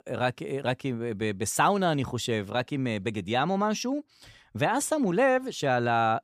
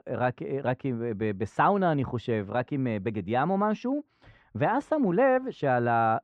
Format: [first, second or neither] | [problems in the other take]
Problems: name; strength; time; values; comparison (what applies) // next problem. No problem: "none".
first | muffled; very; fading above 1.5 kHz